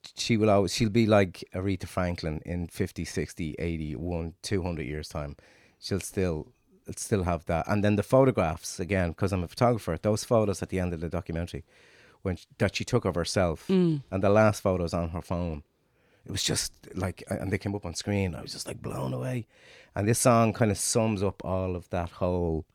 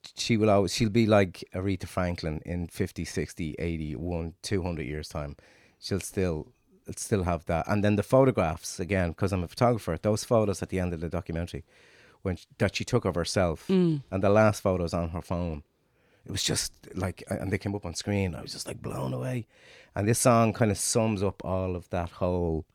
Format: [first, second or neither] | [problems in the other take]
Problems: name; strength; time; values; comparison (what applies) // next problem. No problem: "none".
neither | none